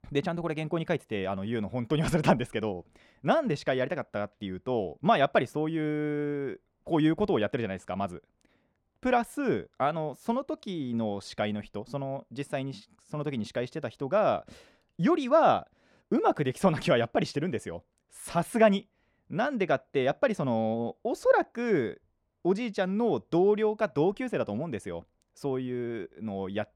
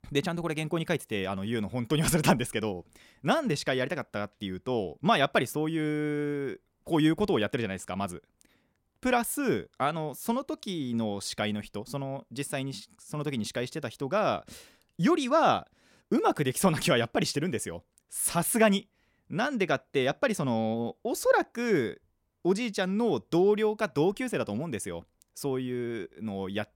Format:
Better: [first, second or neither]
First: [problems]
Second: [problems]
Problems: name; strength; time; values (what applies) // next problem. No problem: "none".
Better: second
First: muffled; slightly; fading above 2.5 kHz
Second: none